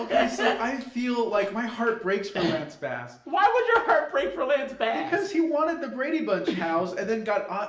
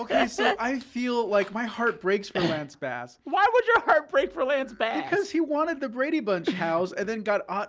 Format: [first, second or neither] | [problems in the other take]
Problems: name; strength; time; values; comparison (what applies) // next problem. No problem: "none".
second | room echo; dies away in 0.6 s